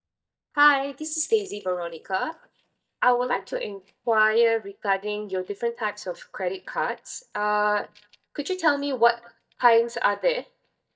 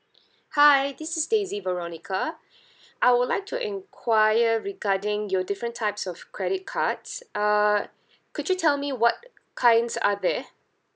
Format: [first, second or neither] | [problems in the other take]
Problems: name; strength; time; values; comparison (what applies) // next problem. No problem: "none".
second | noise reduction (neural mask model DeepFilterNet 3)